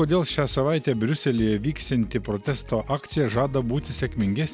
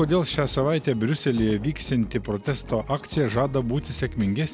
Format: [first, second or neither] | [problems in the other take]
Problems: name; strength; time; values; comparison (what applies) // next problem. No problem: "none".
first | background sound (Thunder); 19 dB below the speech